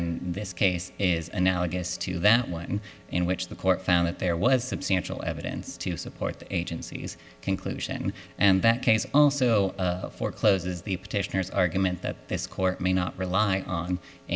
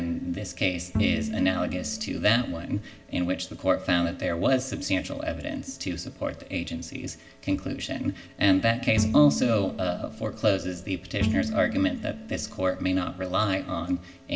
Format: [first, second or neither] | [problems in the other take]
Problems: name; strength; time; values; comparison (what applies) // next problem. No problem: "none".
first | background sound (Bowed string instrument); 5 dB below the speech // room echo; dies away in 0.6 s